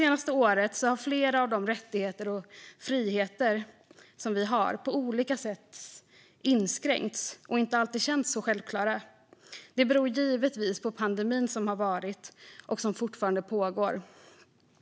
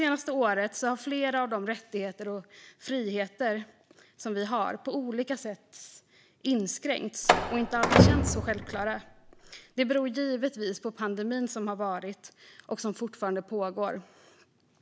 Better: first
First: none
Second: background sound (Slam); 5 dB above the speech

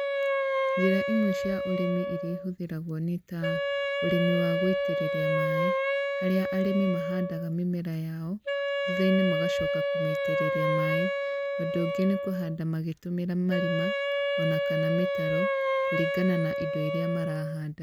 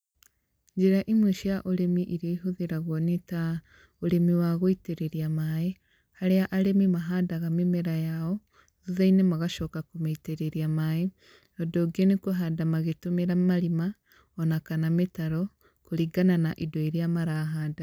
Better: second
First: background sound (Wind instrument, woodwind instrument); 1 dB above the speech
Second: none

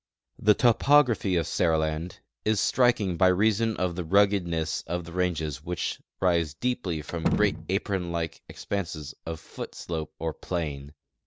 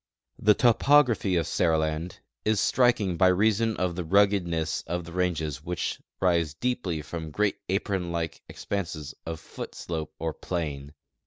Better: second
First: background sound (Slam); 7 dB below the speech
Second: none

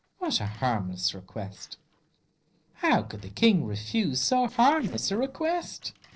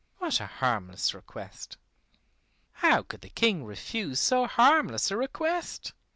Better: second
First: noise reduction (neural separator model SepFormer DNS4)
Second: none

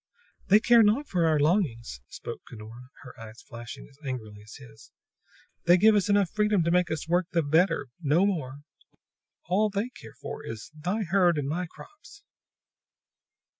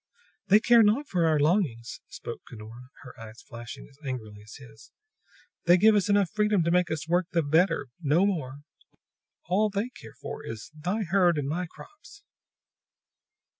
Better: second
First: noise reduction (neural mask model Resemble Enhance denoiser)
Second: none

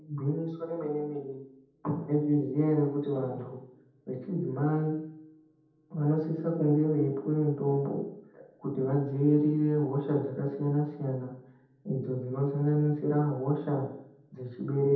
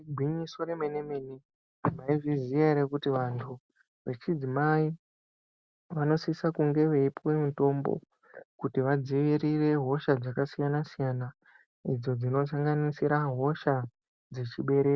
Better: second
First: room echo; dies away in 0.8 s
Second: none

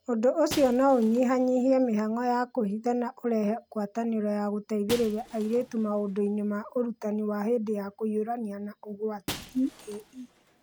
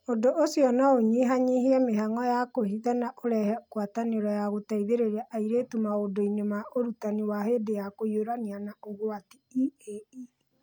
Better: second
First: background sound (Shatter); 19 dB below the speech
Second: none

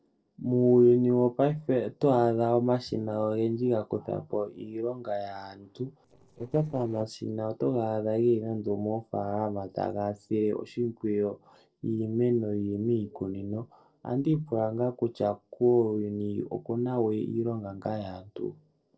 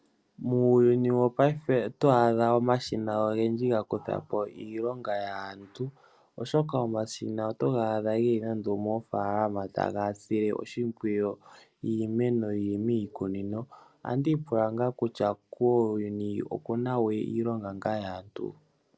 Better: second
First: noise reduction (neural separator model SepFormer DNS4)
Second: none

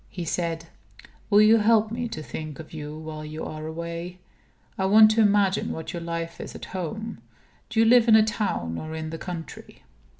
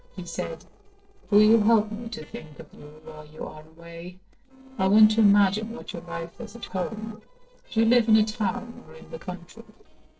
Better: first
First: none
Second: noise reduction (neural separator model SepFormer DNS4)

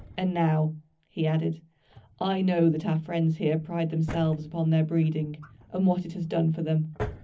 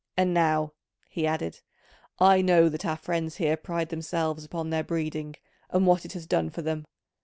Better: second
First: background sound (Drawer open or close); 18 dB below the speech // room echo; dies away in 0.4 s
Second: none

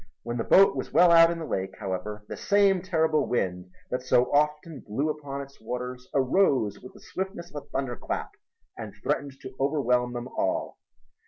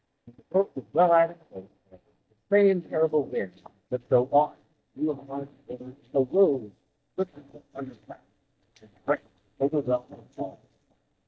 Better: first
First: none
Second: noise reduction (neural mask model DeepFilterNet 3)

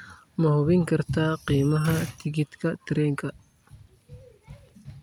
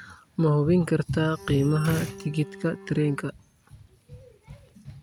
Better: first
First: none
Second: background sound (Bowed string instrument); 17 dB below the speech

